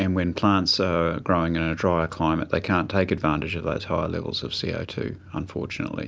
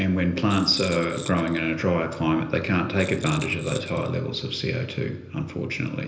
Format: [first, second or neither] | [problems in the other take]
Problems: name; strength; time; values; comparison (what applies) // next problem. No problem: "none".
first | background sound (Rattle); 18 dB below the speech // room echo; dies away in 1.4 s